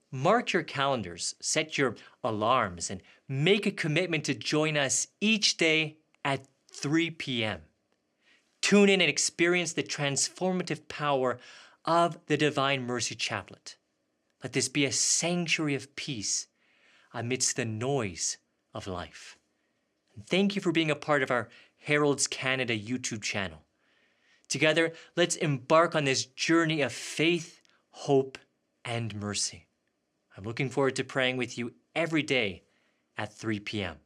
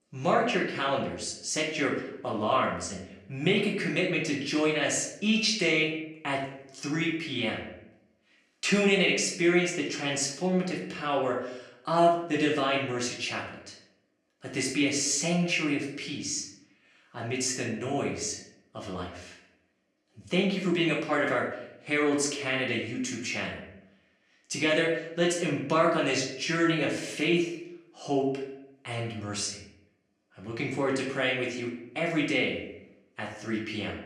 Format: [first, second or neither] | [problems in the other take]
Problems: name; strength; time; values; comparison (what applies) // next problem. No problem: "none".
first | room echo; slight; dies away in 0.6 s // off-mic speech; far